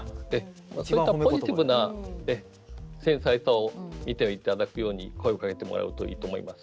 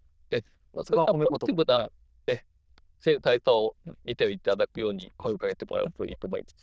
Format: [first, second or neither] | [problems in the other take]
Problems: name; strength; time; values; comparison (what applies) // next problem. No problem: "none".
first | noise reduction (neural diffusion model UNIVERSE++)